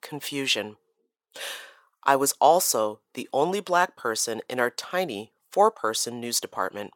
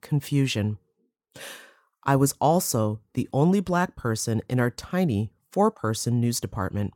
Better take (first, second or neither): second